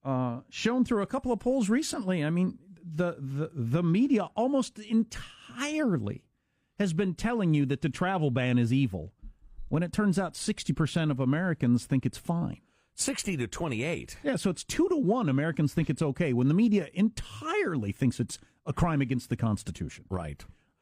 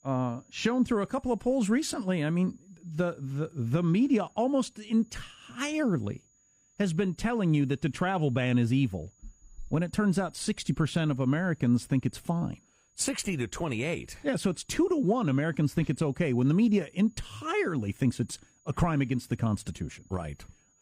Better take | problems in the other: first | high-pitched whine; faint; throughout; 7 kHz, 35 dB below the speech

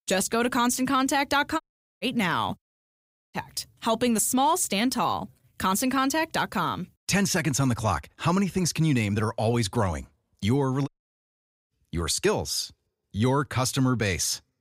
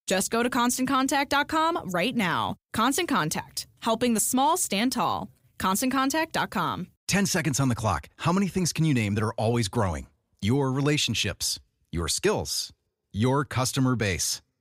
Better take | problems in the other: second | audio cutting out; at 1.5 s, at 2.5 s for 0.5 s and at 11 s for 1 s

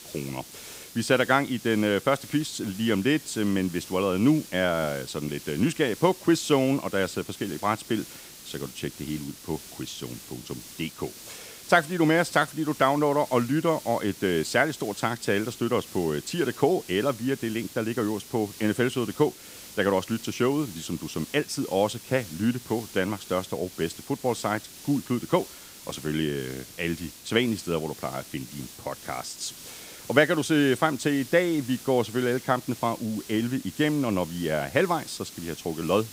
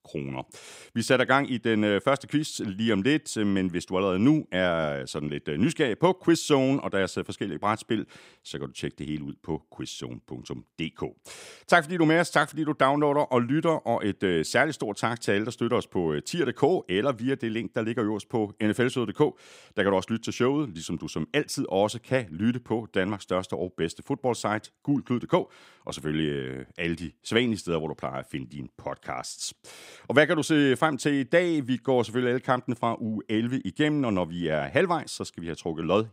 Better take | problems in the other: second | hiss; noticeable; throughout; 15 dB below the speech

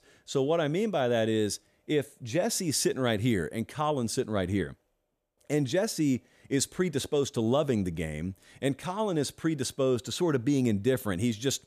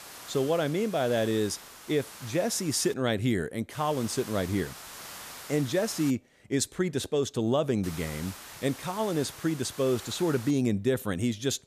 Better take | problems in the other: first | hiss; noticeable; until 3 s, from 3.5 to 6 s and from 8 to 11 s; 15 dB below the speech

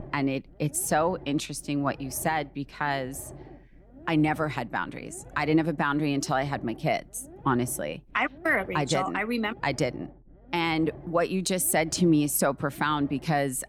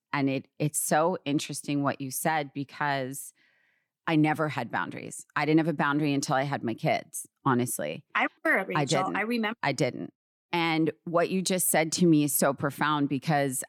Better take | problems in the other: second | low rumble; faint; throughout; 25 dB below the speech

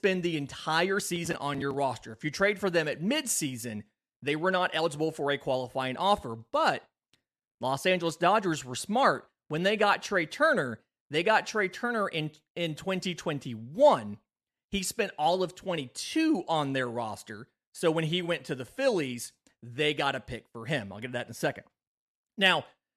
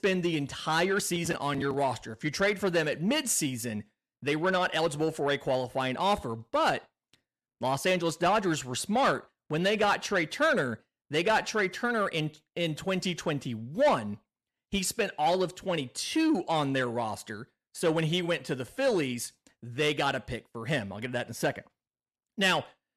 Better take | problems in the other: first | distortion; slight; 10 dB below the speech

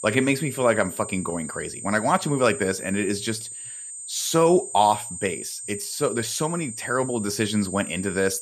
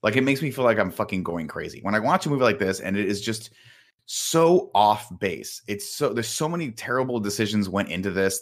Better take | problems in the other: second | high-pitched whine; loud; throughout; 8.5 kHz, 9 dB below the speech

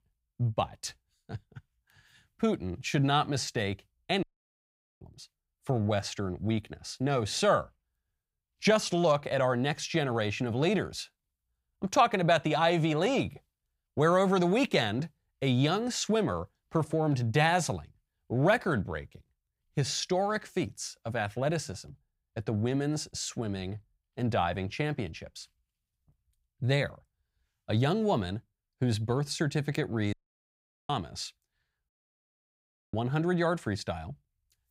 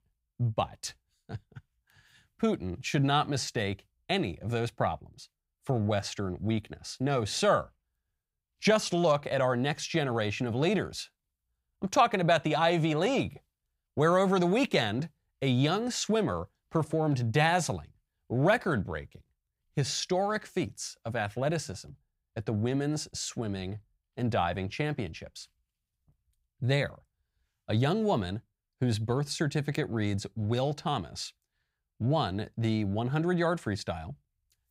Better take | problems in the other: second | audio cutting out; at 4 s for 1 s, at 30 s for 1 s and at 32 s for 1 s

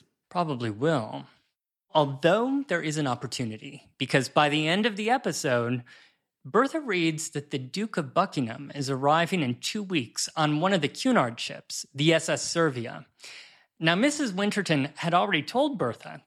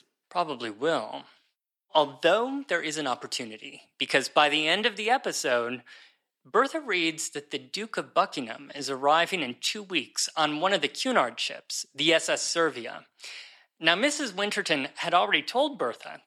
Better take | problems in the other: first | thin; somewhat; fading below 350 Hz

